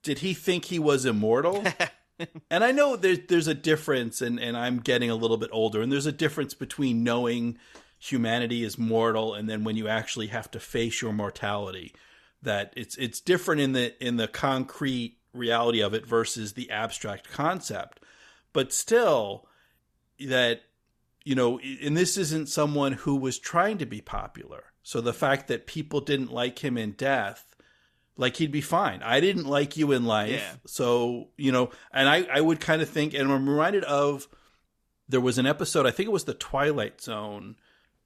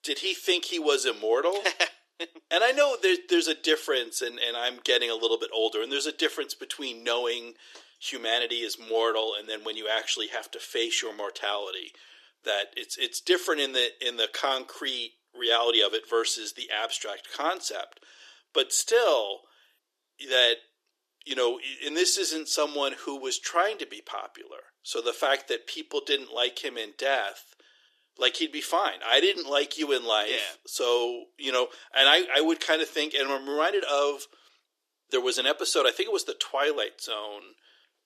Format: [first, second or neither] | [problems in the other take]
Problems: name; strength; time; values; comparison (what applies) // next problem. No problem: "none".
first | thin; very; fading below 350 Hz